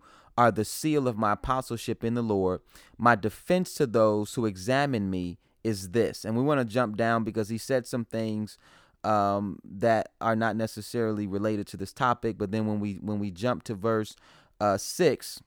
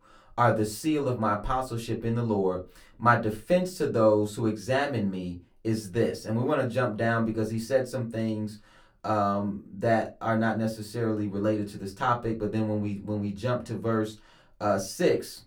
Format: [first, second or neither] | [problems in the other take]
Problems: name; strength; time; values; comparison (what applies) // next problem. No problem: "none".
first | off-mic speech; far // room echo; very slight; dies away in 0.2 s